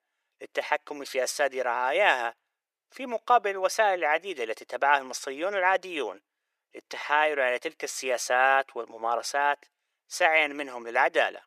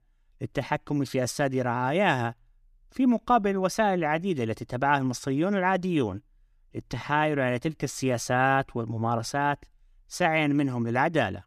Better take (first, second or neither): second